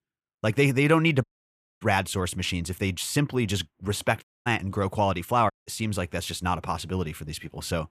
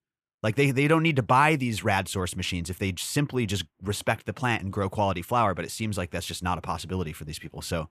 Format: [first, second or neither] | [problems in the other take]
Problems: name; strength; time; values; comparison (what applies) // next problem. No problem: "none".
second | audio cutting out; at 1 s for 0.5 s, at 4 s and at 5.5 s